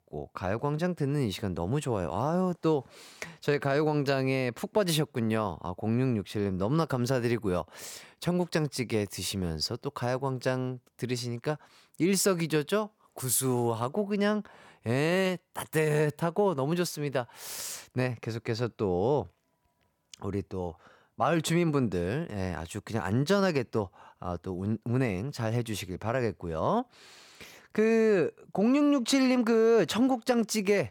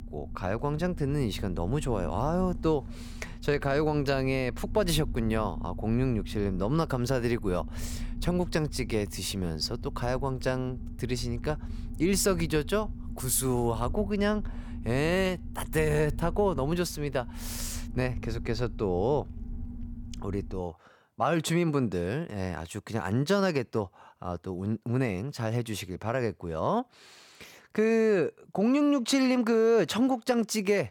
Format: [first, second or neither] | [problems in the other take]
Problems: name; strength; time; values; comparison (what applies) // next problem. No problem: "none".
first | low rumble; noticeable; until 21 s; 20 dB below the speech